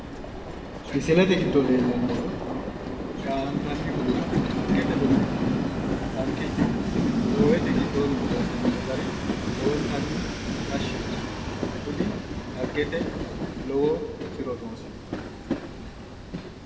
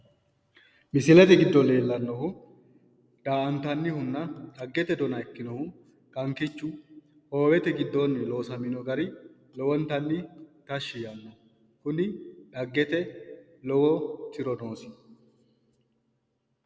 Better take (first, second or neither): second